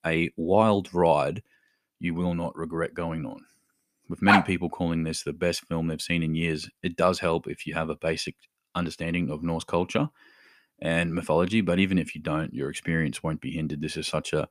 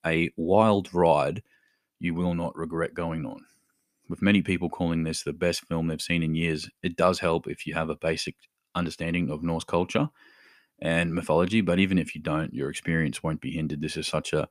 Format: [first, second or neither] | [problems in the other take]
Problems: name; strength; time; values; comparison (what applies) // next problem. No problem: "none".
second | dog barking; loud; at 4.5 s; peak 5 dB above the speech